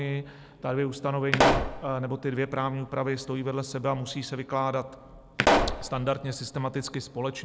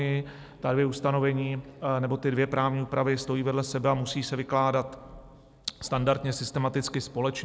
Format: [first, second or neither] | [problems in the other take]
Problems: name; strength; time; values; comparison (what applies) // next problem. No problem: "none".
second | background sound (Explosion); 3 dB above the speech